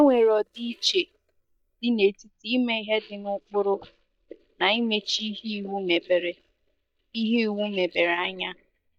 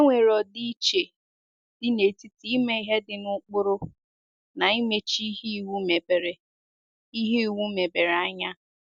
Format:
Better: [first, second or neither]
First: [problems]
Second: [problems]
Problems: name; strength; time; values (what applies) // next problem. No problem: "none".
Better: second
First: noise reduction (neural mask model DeepFilterNet 3)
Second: none